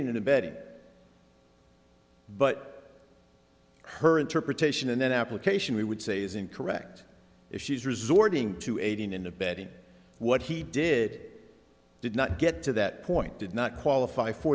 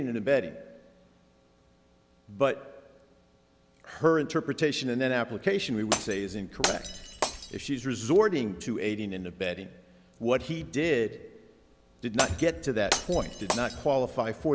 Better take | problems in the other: first | background sound (Glass); 5 dB below the speech

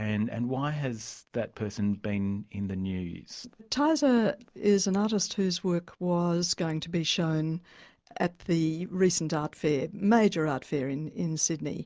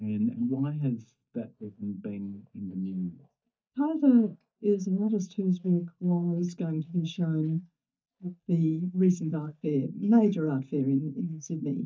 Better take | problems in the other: first | noise reduction (neural mask model DeepFilterNet 3)

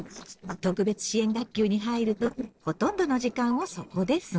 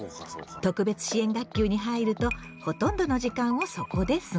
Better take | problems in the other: second | noise reduction (neural separator model SepFormer DNS4)

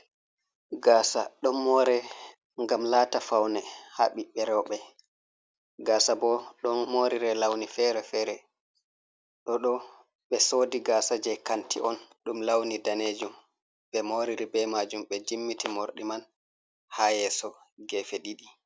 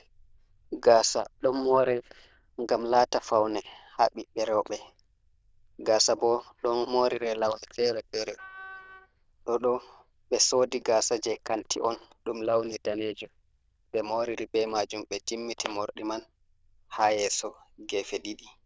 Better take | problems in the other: first | noise reduction (neural diffusion model UNIVERSE++)

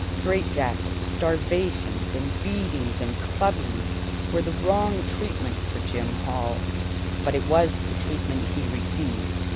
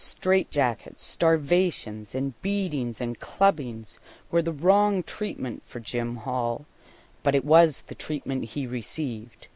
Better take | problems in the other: second | background sound (Mechanical fan); 1 dB above the speech

